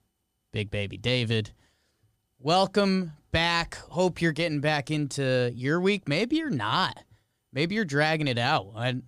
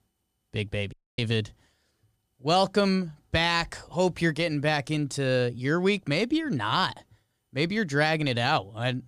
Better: first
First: none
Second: audio cutting out; at 1 s

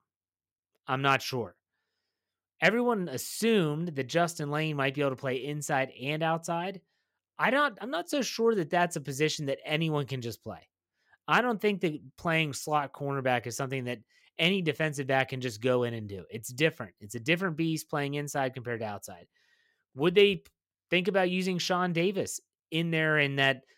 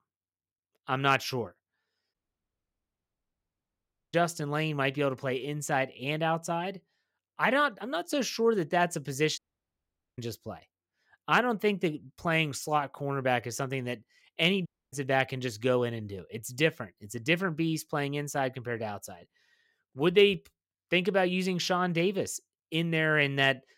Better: first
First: none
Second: audio cutting out; at 2 s for 2 s, at 9.5 s for 1 s and at 15 s

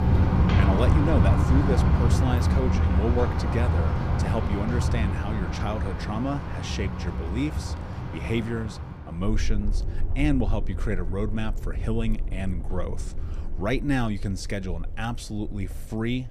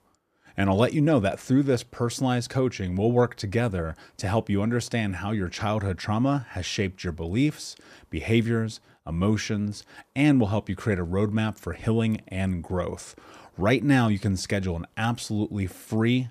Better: second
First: rain or running water; very loud; throughout; 4 dB above the speech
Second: none

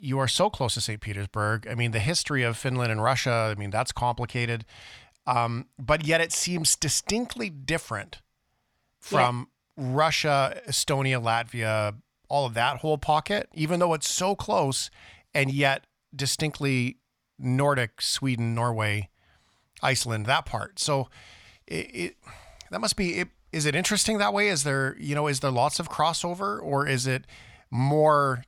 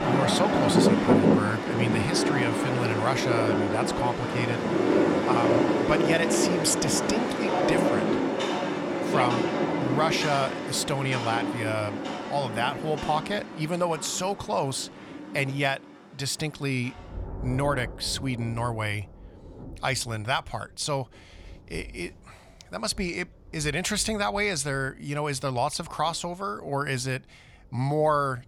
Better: first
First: none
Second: rain or running water; very loud; throughout; 3 dB above the speech

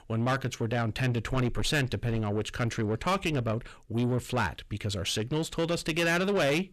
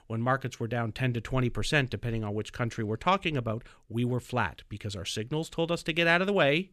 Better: second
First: distortion; heavy; 8 dB below the speech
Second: none

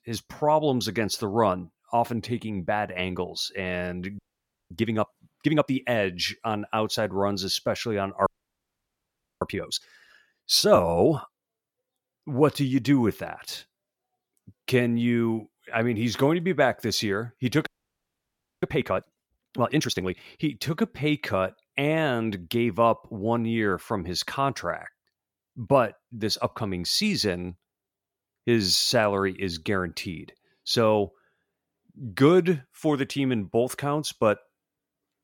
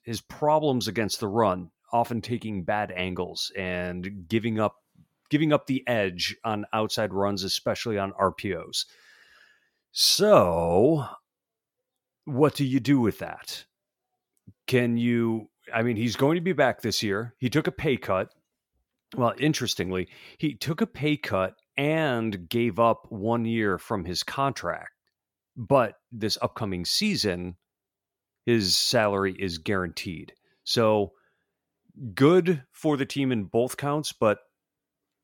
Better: second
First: audio freezing; at 4 s for 0.5 s, at 8.5 s for 1 s and at 18 s for 1 s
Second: none

